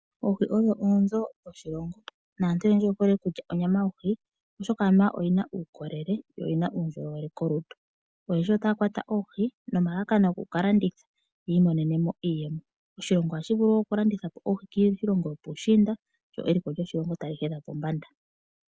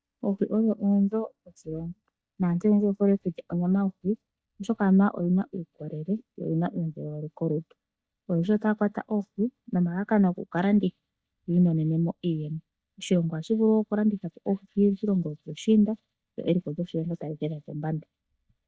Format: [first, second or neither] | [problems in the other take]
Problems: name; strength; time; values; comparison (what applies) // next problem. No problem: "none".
first | noise reduction (neural mask model DeepFilterNet 3)